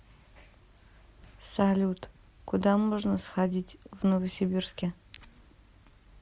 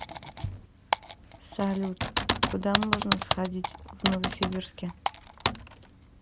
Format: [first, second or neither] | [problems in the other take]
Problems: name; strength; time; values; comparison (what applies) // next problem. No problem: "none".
first | background sound (Typing); 2 dB above the speech